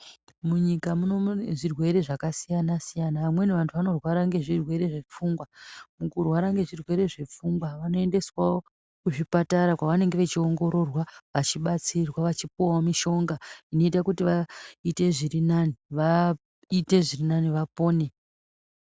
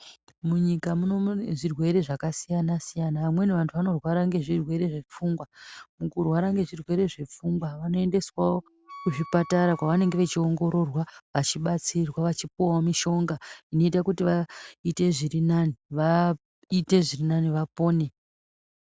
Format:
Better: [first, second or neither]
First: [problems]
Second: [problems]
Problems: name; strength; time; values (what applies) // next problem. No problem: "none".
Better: first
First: none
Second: background sound (Wind instrument, woodwind instrument); 20 dB below the speech